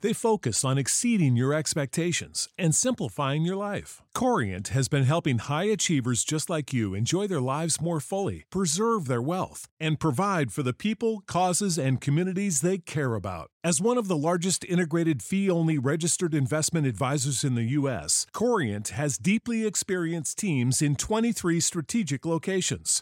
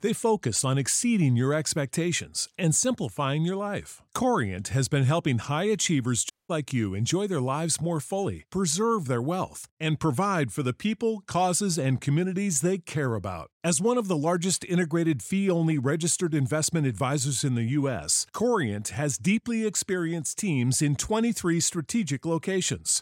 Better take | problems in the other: first | audio cutting out; at 6.5 s

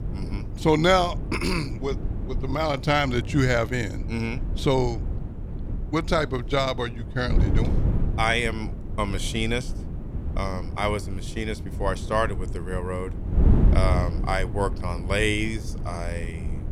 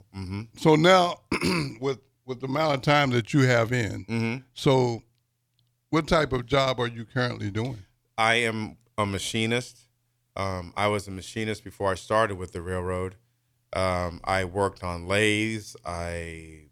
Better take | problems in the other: second | wind noise on the microphone; occasional gusts; 15 dB below the speech

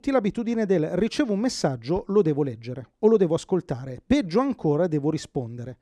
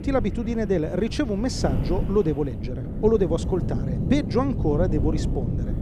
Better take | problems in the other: first | wind noise on the microphone; occasional gusts; 10 dB below the speech

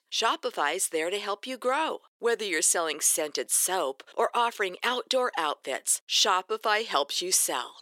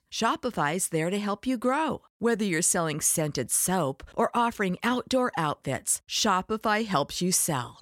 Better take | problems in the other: second | thin; very; fading below 400 Hz

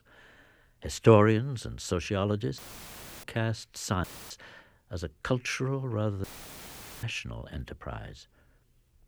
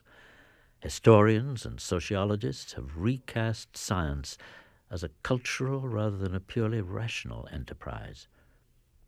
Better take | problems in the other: second | audio cutting out; filled with static; at 2.5 s for 0.5 s, at 4 s and at 6 s for 1 s

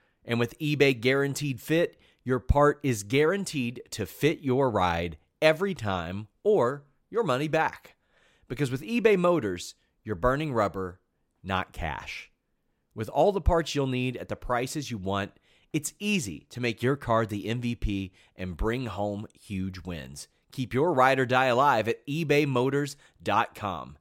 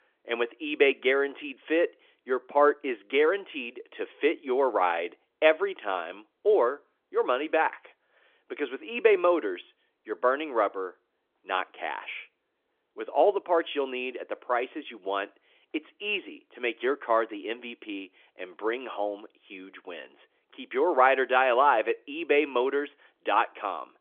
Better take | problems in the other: first | phone-call audio; nothing above 3.5 kHz

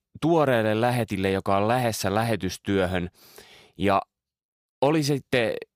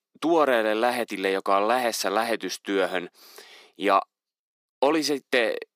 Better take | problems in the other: first | thin; somewhat; fading below 250 Hz

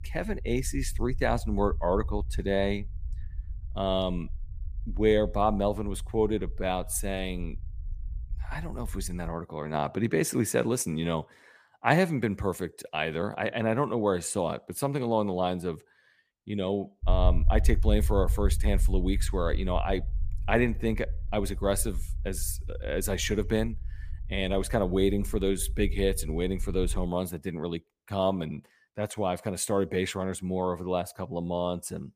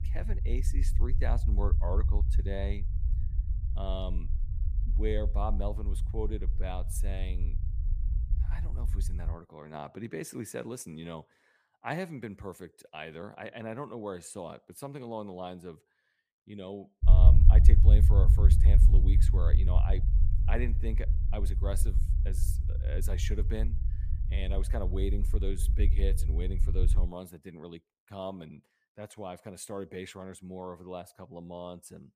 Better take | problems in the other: first | low rumble; loud; until 9.5 s and from 17 to 27 s; 7 dB below the speech; faint in the first

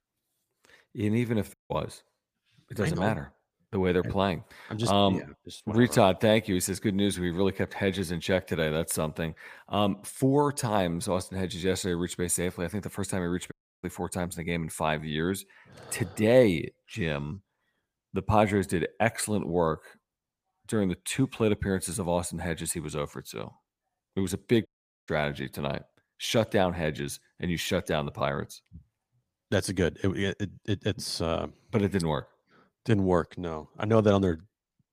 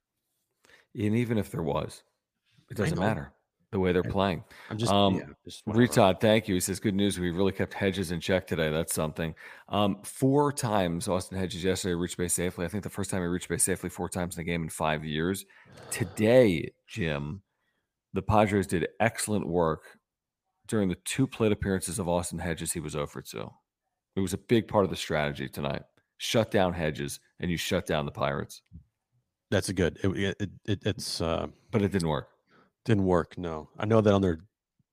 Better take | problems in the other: second | audio cutting out; at 1.5 s, at 14 s and at 25 s

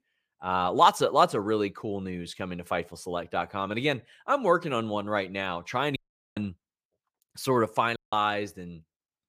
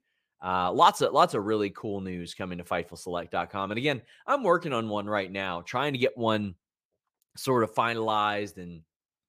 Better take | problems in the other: second | audio cutting out; at 6 s and at 8 s

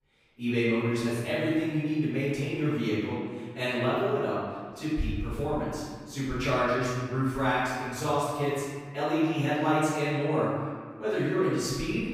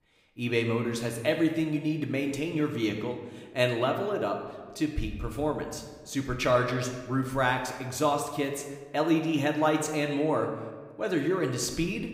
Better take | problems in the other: second | room echo; strong; dies away in 1.6 s; slight in the second // off-mic speech; far

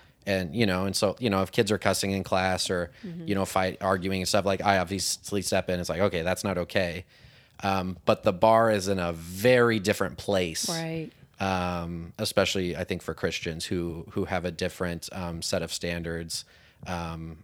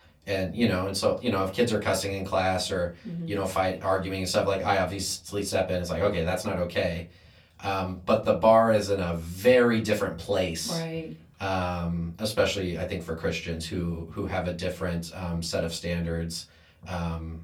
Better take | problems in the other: first | off-mic speech; far // room echo; very slight; dies away in 0.2 s

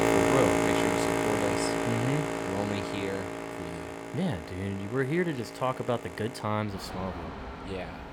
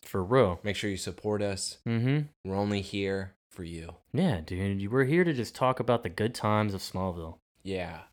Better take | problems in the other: second | train or aircraft noise; very loud; throughout; 3 dB above the speech

